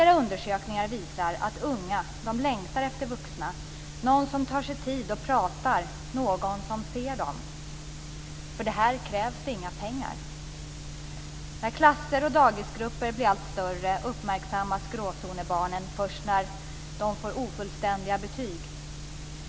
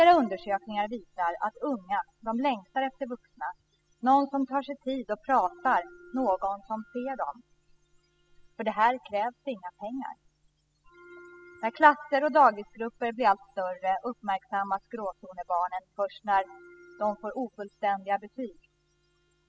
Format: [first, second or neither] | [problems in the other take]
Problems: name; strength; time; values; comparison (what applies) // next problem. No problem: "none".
first | noise reduction (classical method spectral subtraction)